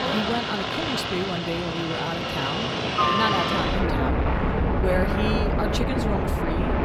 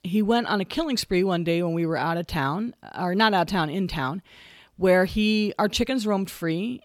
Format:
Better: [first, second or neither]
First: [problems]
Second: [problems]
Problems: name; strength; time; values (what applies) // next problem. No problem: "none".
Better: second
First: train or aircraft noise; very loud; throughout; 5 dB above the speech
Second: none